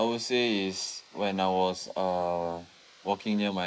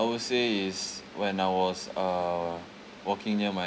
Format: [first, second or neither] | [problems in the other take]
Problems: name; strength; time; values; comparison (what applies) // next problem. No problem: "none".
second | noise reduction (neural mask model Resemble Enhance denoiser)